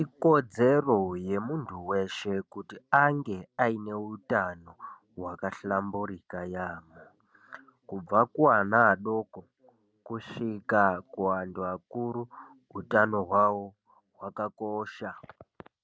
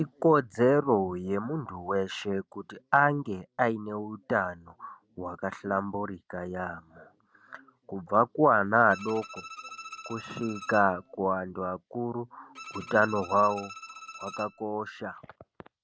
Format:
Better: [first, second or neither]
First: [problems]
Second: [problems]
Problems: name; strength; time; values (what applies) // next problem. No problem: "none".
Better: first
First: none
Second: background sound (Bowed string instrument); 16 dB below the speech